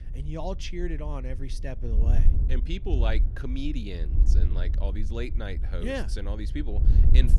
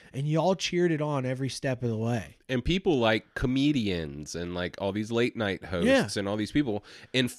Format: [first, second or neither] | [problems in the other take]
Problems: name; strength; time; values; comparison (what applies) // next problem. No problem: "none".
second | wind noise on the microphone; heavy; 9 dB below the speech